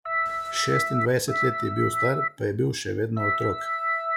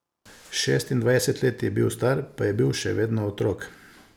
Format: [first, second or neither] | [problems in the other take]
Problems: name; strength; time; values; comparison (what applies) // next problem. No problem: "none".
second | noise reduction (classical method log-MMSE)